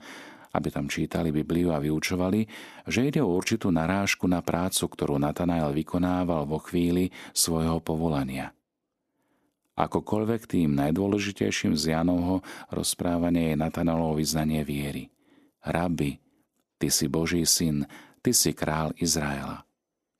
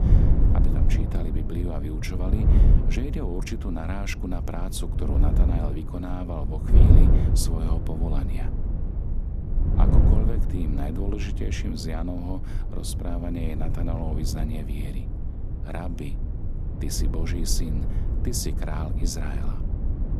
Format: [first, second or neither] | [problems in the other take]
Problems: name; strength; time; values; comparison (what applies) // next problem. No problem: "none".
first | wind noise on the microphone; heavy; 3 dB below the speech